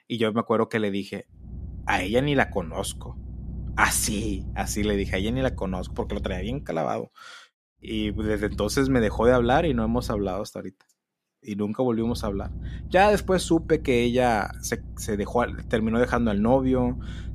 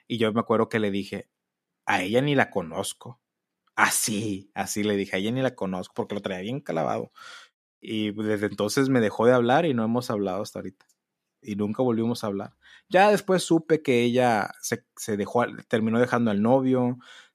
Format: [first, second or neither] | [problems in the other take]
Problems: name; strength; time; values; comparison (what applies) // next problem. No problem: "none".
second | low rumble; faint; from 1.5 to 6.5 s, from 8 to 10 s and from 12 s on; 25 dB below the speech